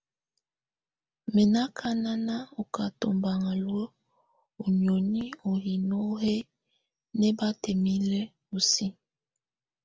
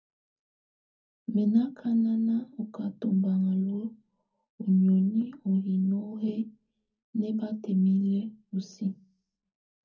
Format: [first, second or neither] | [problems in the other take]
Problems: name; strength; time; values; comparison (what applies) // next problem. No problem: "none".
first | room echo; dies away in 0.4 s